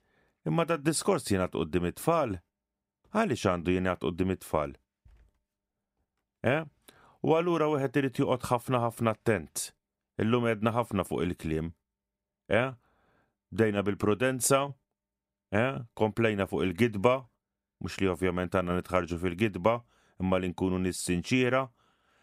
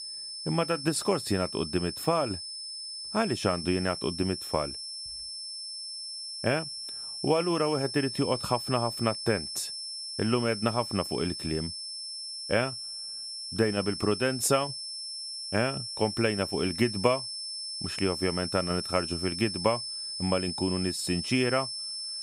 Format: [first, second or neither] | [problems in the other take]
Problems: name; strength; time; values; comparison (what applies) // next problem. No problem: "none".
first | high-pitched whine; loud; throughout; 5.5 kHz, 5 dB below the speech